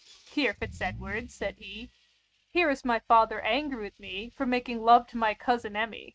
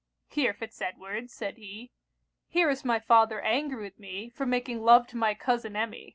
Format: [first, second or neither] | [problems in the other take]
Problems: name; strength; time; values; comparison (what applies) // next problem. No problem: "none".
second | noise reduction (neural mask model RNNoise)